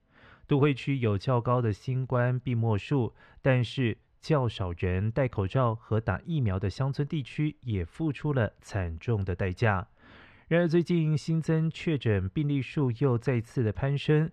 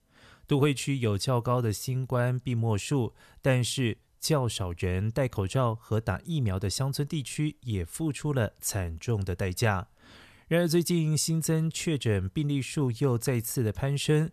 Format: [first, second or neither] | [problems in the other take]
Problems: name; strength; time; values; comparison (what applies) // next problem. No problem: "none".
second | muffled; very; fading above 2 kHz